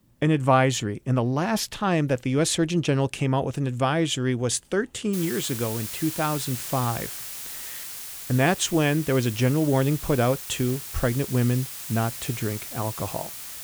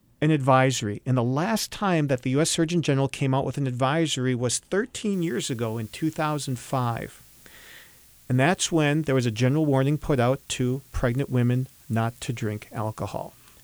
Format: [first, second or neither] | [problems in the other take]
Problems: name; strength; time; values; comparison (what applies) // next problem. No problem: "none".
second | hiss; loud; from 5 s on; 9 dB below the speech; faint in the second